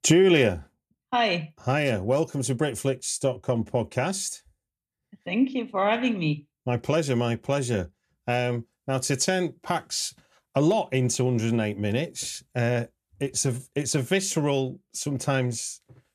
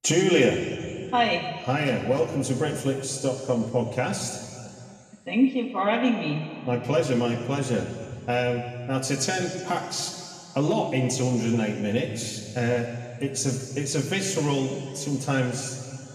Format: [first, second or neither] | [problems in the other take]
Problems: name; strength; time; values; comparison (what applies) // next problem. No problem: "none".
first | room echo; noticeable; dies away in 2.4 s // off-mic speech; somewhat distant